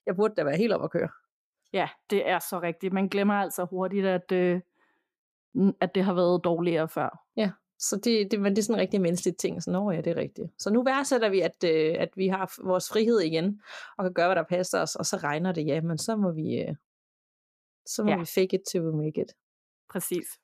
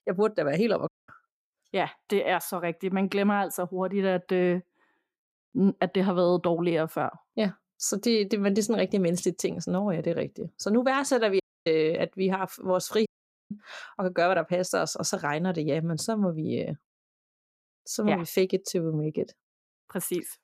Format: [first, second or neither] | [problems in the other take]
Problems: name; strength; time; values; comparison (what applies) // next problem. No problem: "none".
first | audio cutting out; at 1 s, at 11 s and at 13 s